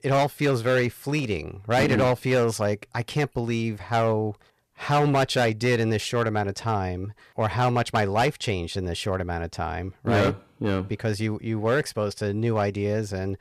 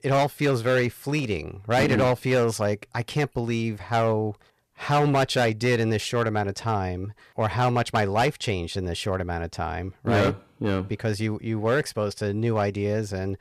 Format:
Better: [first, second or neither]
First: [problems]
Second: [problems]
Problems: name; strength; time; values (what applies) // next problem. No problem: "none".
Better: neither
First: distortion; slight; 7% of the sound clipped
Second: distortion; slight; 7% of the sound clipped